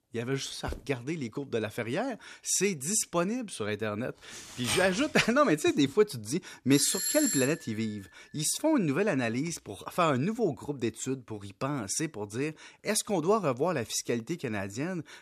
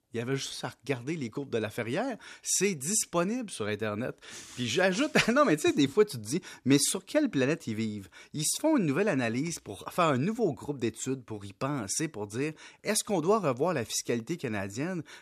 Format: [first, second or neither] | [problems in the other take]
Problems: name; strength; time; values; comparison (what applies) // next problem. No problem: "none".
second | footsteps; faint; at 0.5 s; peak 15 dB below the speech // keyboard typing; noticeable; at 4.5 s; peak 4 dB below the speech // doorbell; loud; at 6.5 s; peak 2 dB above the speech